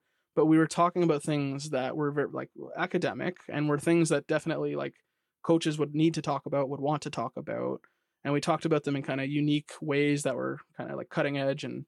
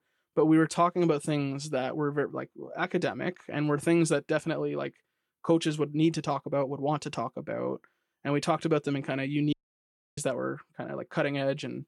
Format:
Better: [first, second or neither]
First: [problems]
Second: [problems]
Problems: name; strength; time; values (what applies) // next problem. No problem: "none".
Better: first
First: none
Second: audio cutting out; at 9.5 s for 0.5 s